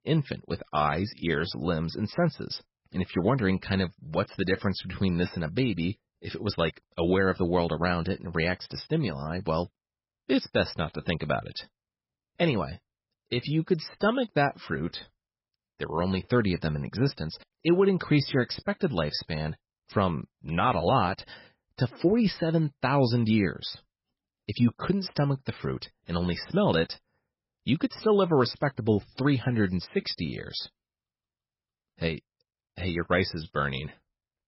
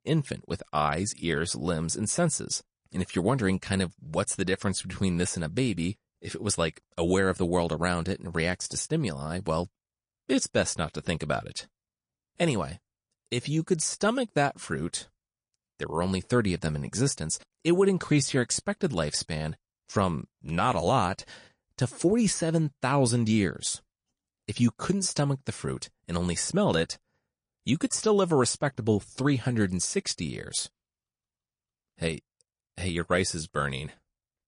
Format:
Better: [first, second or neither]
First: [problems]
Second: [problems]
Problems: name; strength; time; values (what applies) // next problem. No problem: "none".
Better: second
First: garbled, watery; badly; nothing above 5.5 kHz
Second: garbled, watery; slightly; nothing above 10.5 kHz